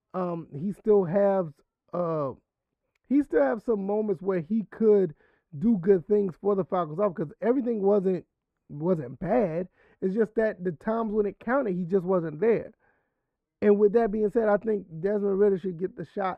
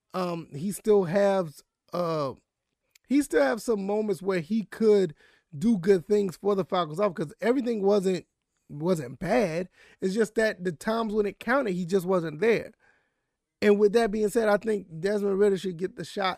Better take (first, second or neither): second